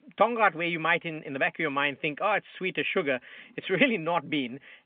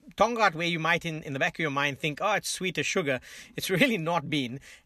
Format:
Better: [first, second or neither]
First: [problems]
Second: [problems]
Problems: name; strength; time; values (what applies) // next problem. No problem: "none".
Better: second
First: phone-call audio; nothing above 3.5 kHz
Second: none